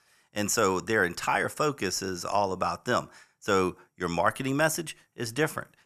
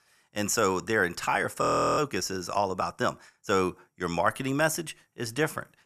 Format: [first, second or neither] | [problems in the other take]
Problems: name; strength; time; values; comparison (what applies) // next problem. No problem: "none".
first | audio freezing; at 1.5 s